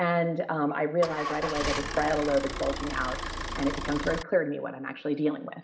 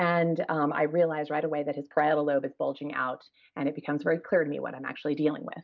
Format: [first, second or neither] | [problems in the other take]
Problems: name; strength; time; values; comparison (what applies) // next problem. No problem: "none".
second | background sound (Idling / Engine starting / Motor vehicle (road)); 5 dB below the speech // room echo; dies away in 3 s